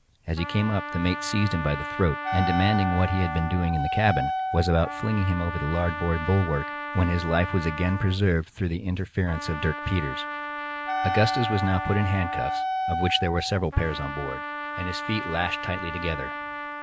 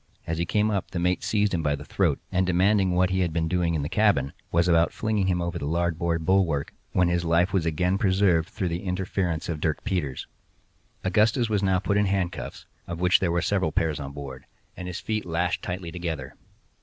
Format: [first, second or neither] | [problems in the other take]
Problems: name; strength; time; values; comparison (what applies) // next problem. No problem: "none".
second | background sound (Trumpet + Wind instrument, woodwind instrument); 5 dB below the speech